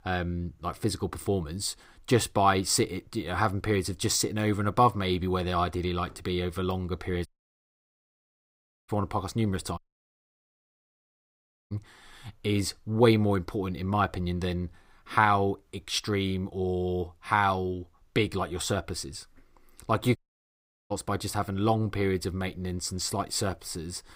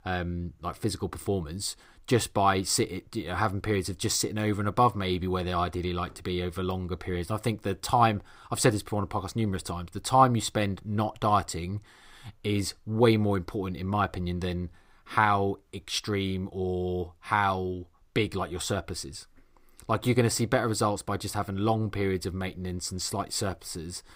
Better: second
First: audio cutting out; at 7.5 s for 1.5 s, at 10 s for 2 s and at 20 s for 0.5 s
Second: none

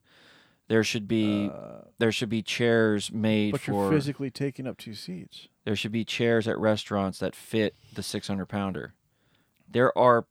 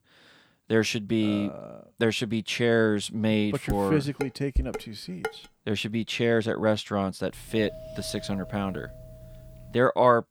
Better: first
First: none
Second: clattering dishes; noticeable; from 3.5 to 5.5 s; peak 6 dB below the speech // doorbell; faint; from 7.5 to 10 s; peak 15 dB below the speech

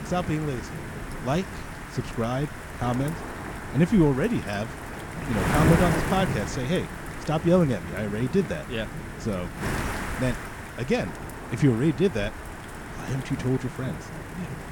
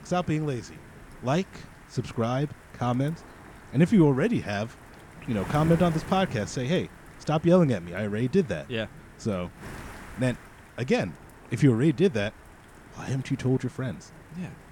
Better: second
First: wind noise on the microphone; heavy; 4 dB below the speech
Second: wind noise on the microphone; occasional gusts; 15 dB below the speech

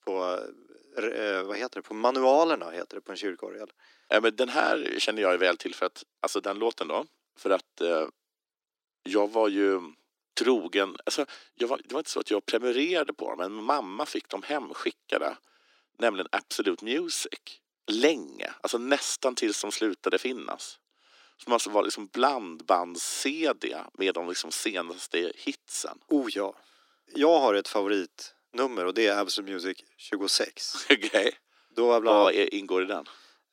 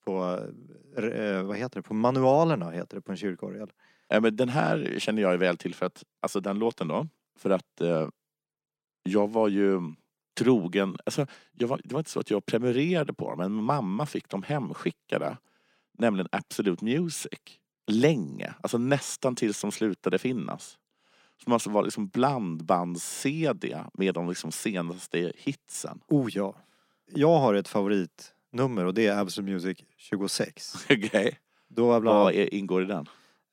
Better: second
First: thin; somewhat; fading below 300 Hz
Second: none

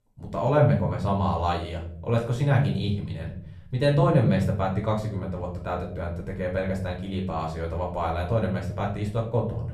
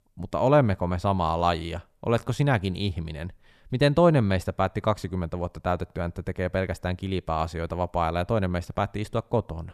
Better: second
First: off-mic speech; far // room echo; slight; dies away in 0.7 s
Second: none

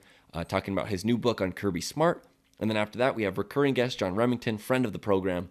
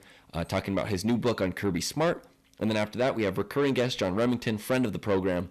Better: first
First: none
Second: distortion; slight; 10 dB below the speech

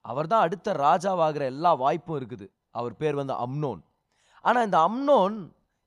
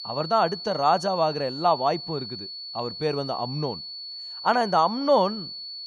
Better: first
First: none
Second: high-pitched whine; loud; throughout; 4.5 kHz, 10 dB below the speech

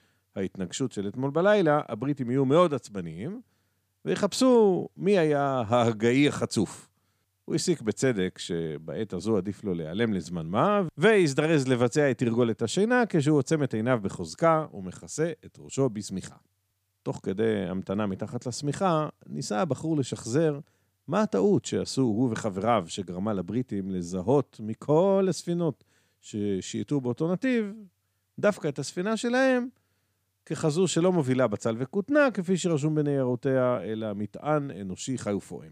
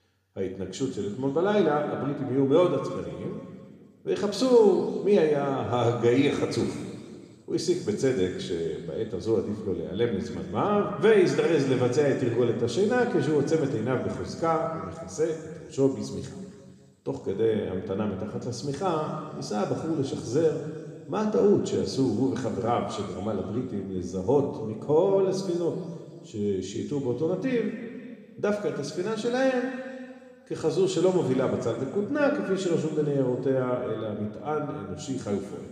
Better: first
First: none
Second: room echo; noticeable; dies away in 2 s // off-mic speech; somewhat distant

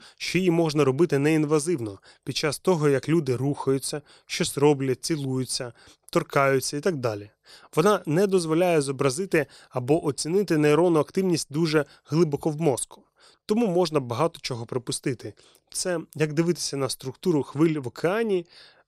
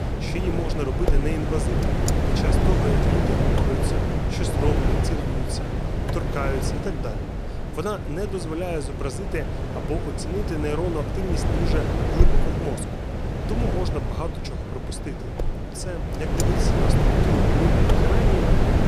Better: first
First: none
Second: wind noise on the microphone; heavy; 3 dB above the speech

